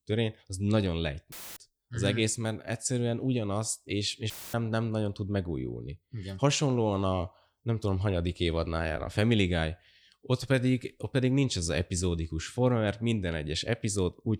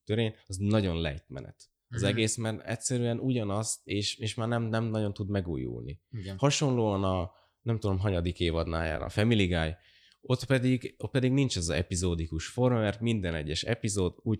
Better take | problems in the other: second | audio cutting out; filled with static; at 1.5 s and at 4.5 s

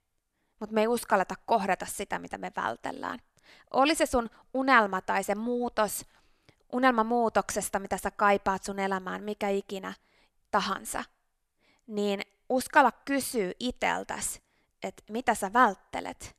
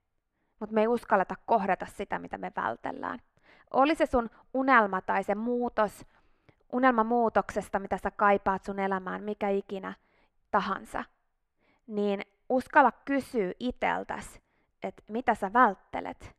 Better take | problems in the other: first | muffled; slightly; fading above 3.5 kHz

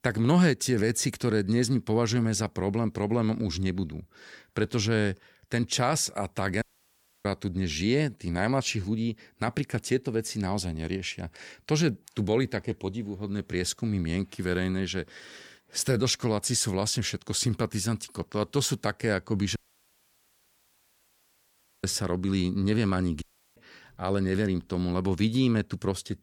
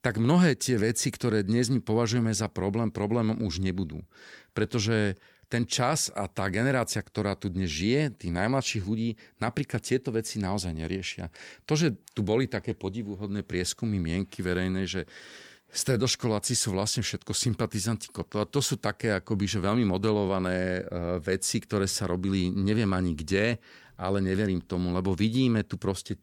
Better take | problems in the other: second | audio cutting out; at 6.5 s for 0.5 s, at 20 s for 2.5 s and at 23 s

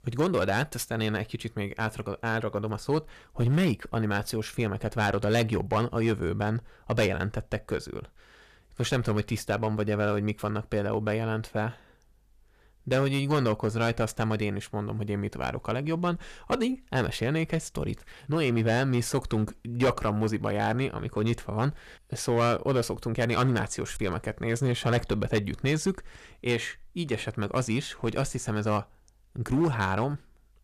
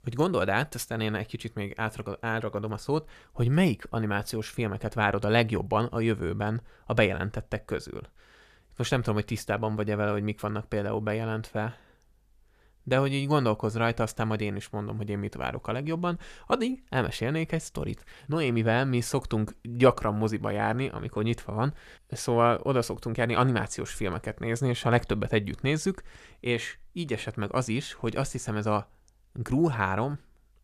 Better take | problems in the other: second | distortion; slight; 4% of the sound clipped

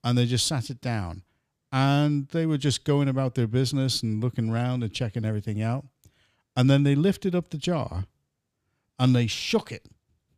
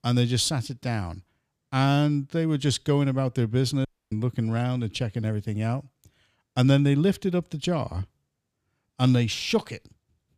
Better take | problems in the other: first | audio cutting out; at 4 s

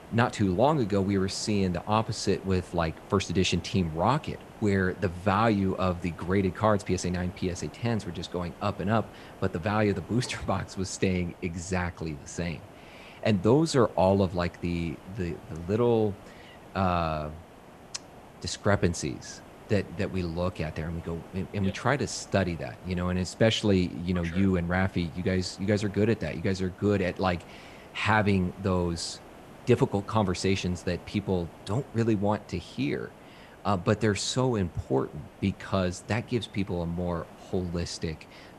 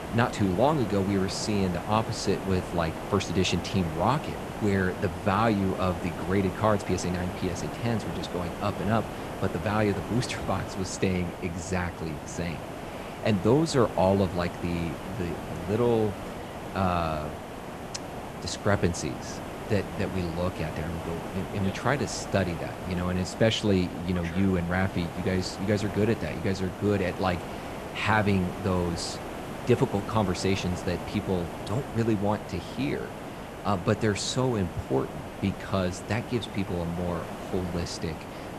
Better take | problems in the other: first | hiss; loud; throughout; 8 dB below the speech; faint in the first

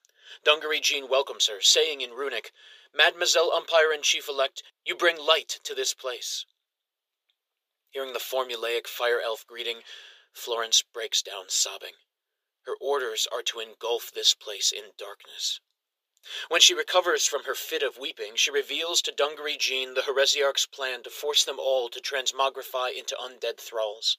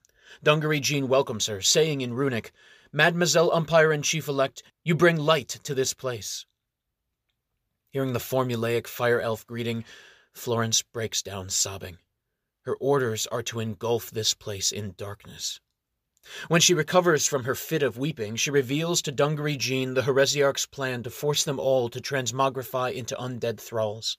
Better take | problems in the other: second | thin; very; fading below 400 Hz

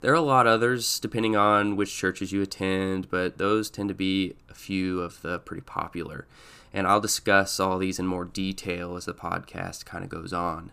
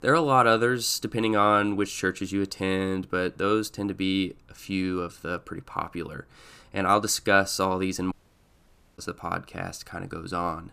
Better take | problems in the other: first | audio cutting out; at 8 s for 1 s

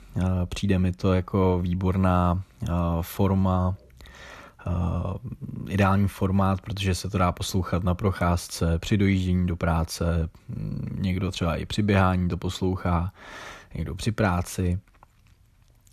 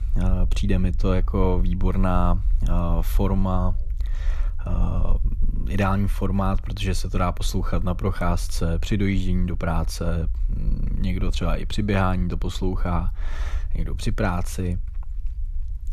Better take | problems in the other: first | low rumble; faint; throughout; 25 dB below the speech

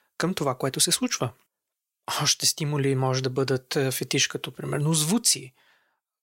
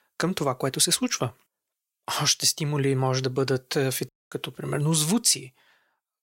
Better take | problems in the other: first | audio cutting out; at 4 s

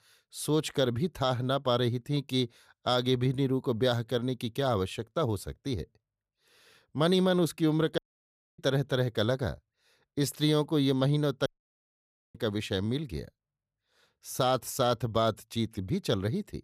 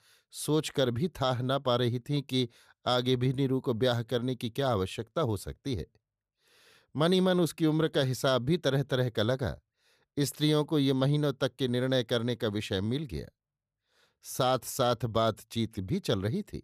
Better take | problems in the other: second | audio cutting out; at 8 s for 0.5 s and at 11 s for 1 s

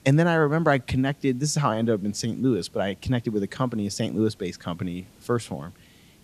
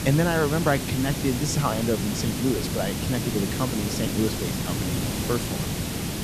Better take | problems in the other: first | hiss; loud; throughout; 1 dB below the speech; faint in the first

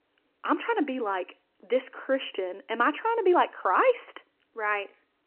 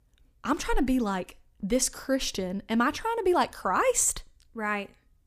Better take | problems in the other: second | phone-call audio

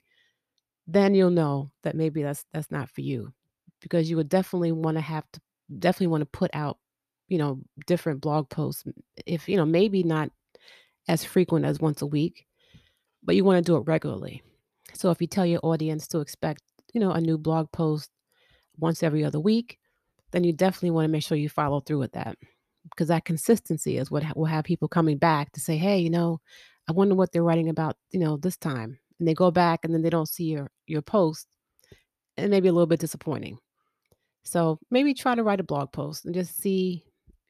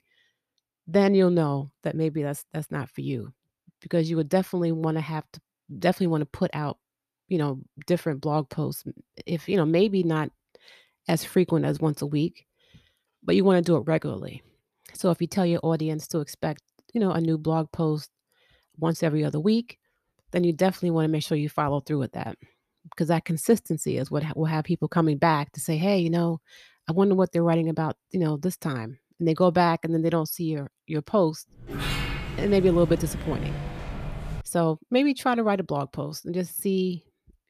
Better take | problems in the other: first | door banging; noticeable; from 32 to 34 s; peak 3 dB below the speech

